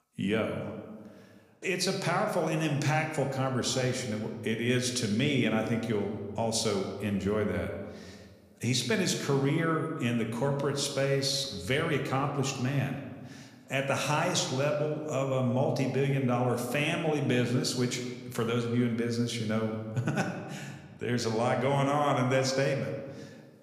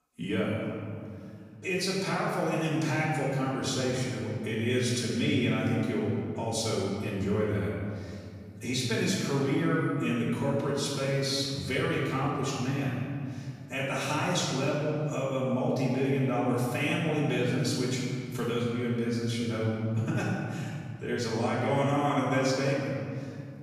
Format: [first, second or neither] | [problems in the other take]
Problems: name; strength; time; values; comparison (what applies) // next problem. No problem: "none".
first | room echo; strong; dies away in 2.6 s; slight in the first // off-mic speech; far